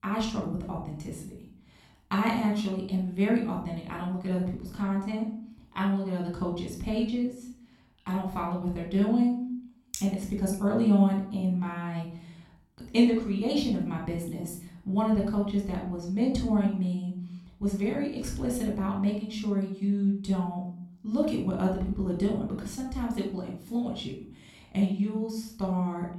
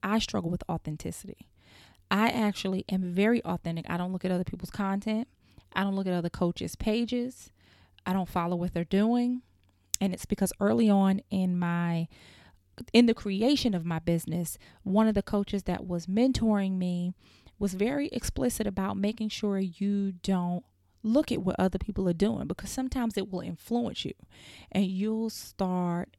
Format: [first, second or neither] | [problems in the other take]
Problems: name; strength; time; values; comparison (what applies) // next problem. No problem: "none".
second | off-mic speech; somewhat distant // room echo; noticeable; dies away in 0.5 s